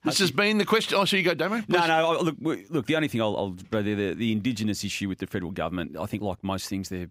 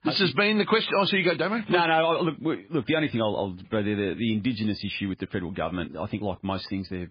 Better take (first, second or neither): first